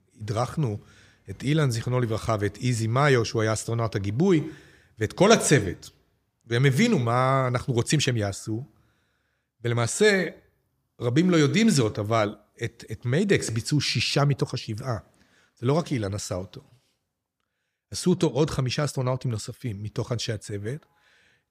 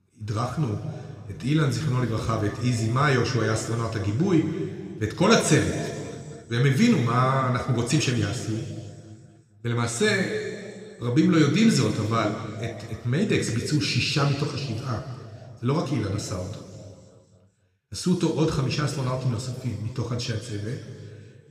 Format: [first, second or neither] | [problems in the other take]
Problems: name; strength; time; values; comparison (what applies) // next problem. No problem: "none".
first | room echo; noticeable; dies away in 2.1 s // off-mic speech; somewhat distant